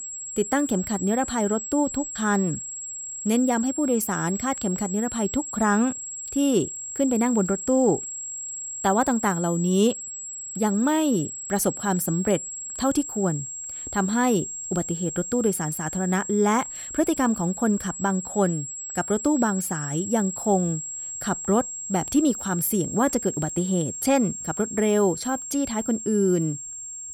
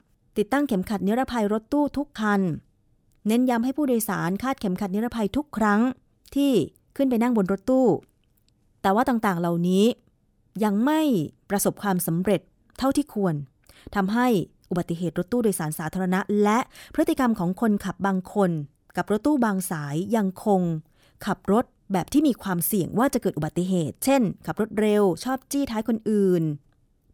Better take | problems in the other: second | high-pitched whine; loud; throughout; 7.5 kHz, 7 dB below the speech

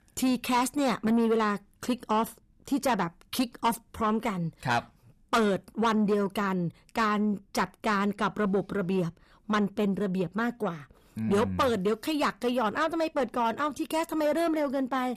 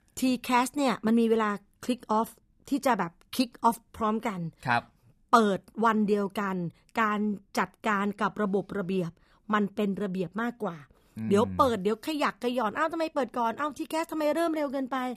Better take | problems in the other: second | distortion; slight; 10 dB below the speech

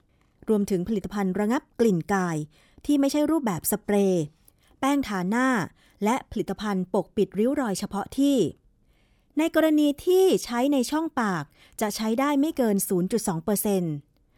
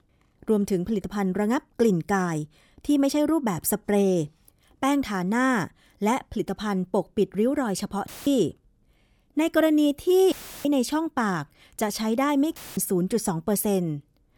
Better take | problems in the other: first | audio cutting out; filled with static; at 8 s, at 10 s and at 13 s

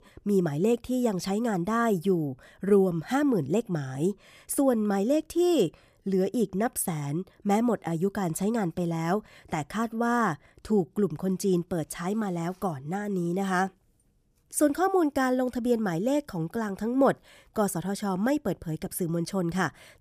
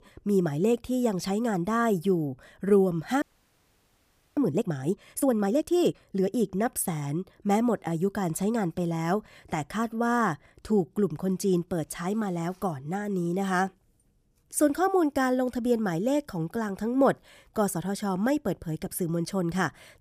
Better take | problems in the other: first | audio freezing; at 3 s for 1 s

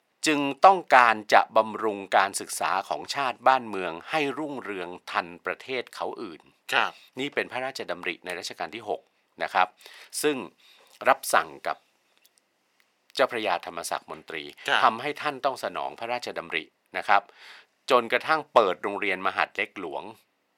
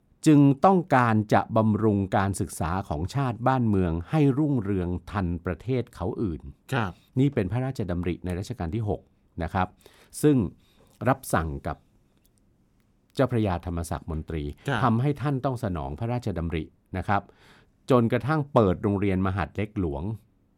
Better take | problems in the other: second | thin; very; fading below 700 Hz

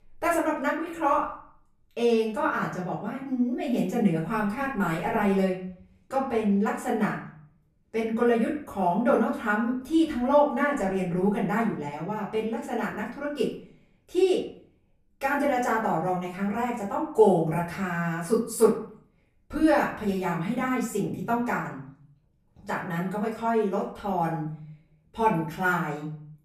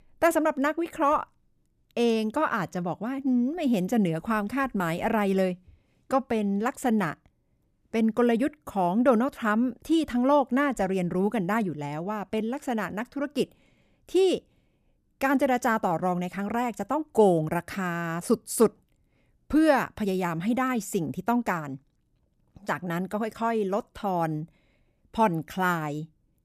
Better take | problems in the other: second | off-mic speech; far // room echo; slight; dies away in 0.5 s

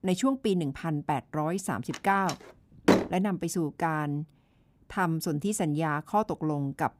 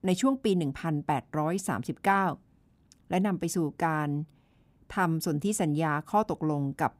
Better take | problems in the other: second | door banging; loud; from 2 to 3 s; peak 5 dB above the speech

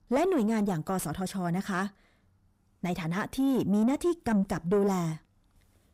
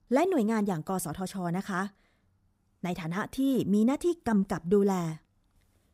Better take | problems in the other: second | distortion; slight; 10 dB below the speech

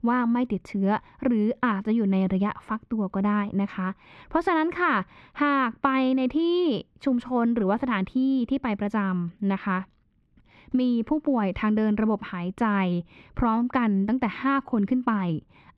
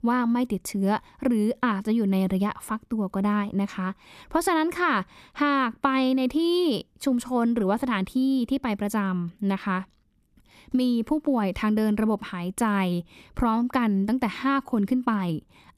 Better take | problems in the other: second | muffled; slightly; fading above 2.5 kHz

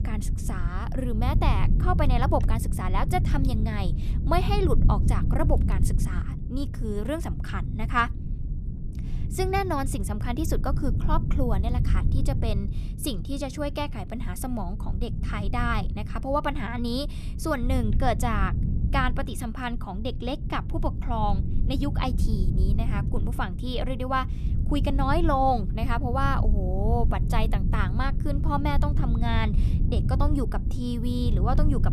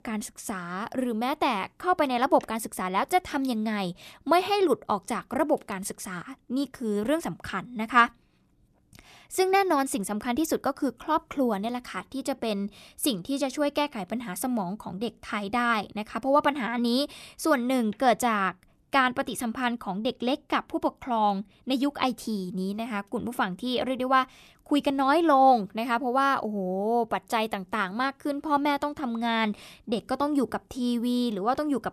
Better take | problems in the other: second | low rumble; noticeable; throughout; 10 dB below the speech

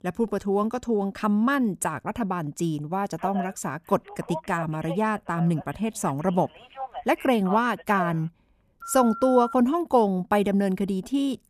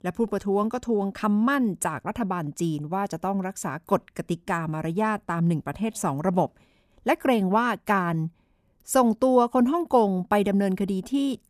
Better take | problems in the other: second | phone ringing; noticeable; from 3 to 9.5 s; peak 9 dB below the speech

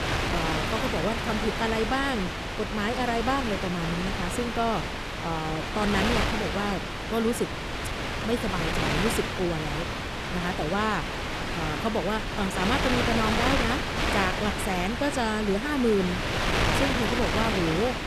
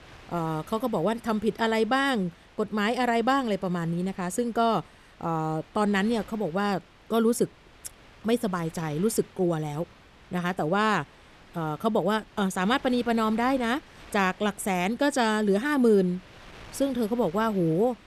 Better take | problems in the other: second | wind noise on the microphone; heavy; 1 dB above the speech; occasional gusts in the second

